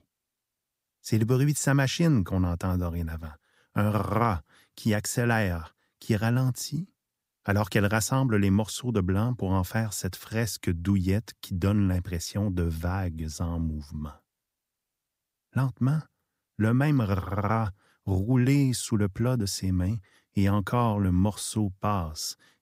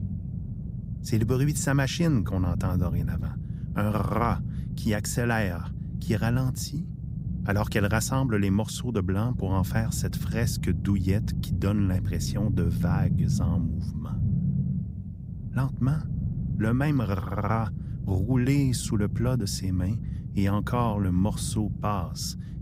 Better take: first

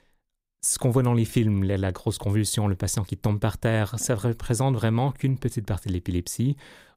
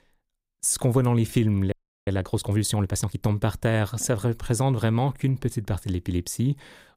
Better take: first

